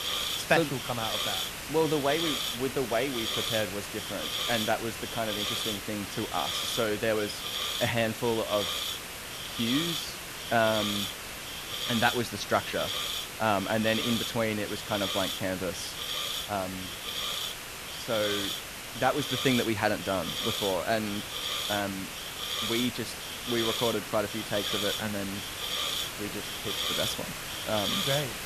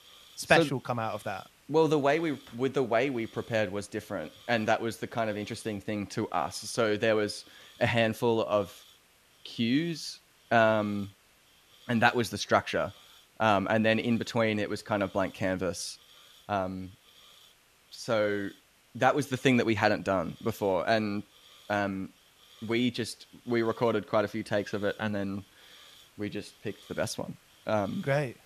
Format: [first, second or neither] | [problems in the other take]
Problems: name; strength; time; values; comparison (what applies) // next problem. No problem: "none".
second | hiss; loud; throughout; 1 dB below the speech; faint in the second